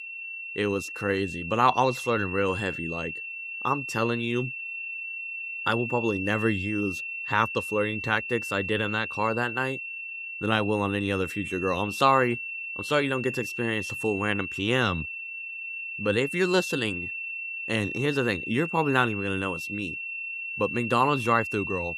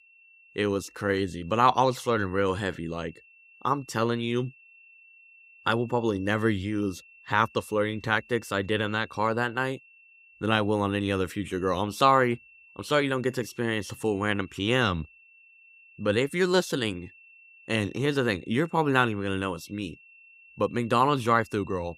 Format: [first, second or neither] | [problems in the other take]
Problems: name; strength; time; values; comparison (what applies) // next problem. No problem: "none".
second | high-pitched whine; loud; throughout; 2.5 kHz, 5 dB below the speech; faint in the second